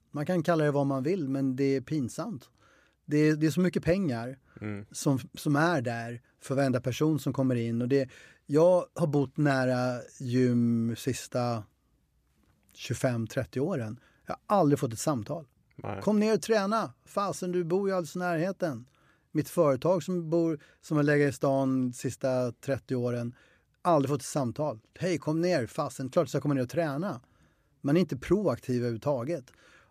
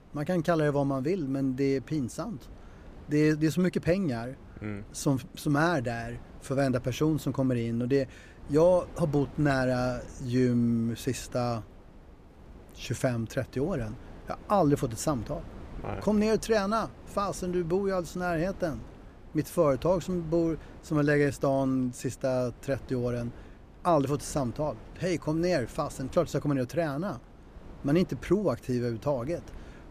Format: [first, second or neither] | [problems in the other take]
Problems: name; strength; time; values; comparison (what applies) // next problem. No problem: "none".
first | wind noise on the microphone; occasional gusts; 25 dB below the speech